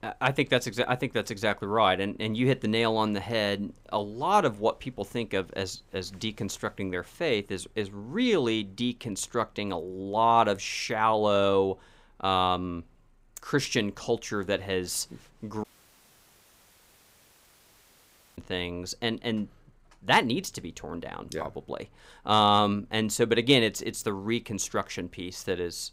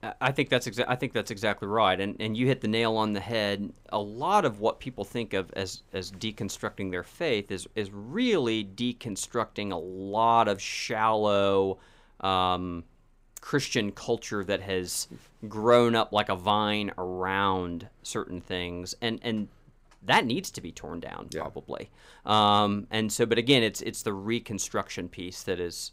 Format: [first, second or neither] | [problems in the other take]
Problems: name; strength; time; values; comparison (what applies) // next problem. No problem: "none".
second | audio cutting out; at 16 s for 2.5 s